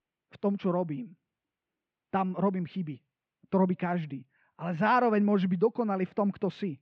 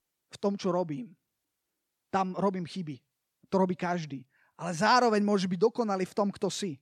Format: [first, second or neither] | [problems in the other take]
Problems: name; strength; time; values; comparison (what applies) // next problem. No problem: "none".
second | muffled; very; fading above 3 kHz